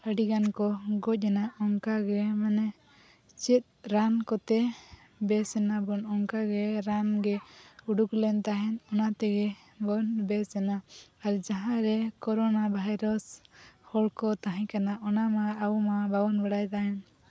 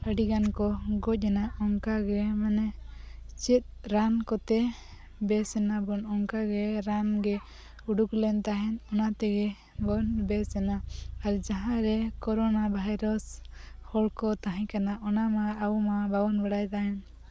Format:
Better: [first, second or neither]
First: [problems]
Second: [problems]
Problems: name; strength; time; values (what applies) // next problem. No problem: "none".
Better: first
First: none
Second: background sound (Bass guitar); 13 dB below the speech